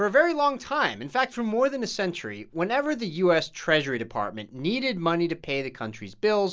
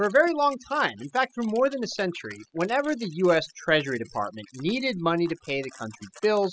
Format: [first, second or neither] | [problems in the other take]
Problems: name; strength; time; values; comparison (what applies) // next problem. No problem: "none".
first | noise reduction (classical method spectral subtraction)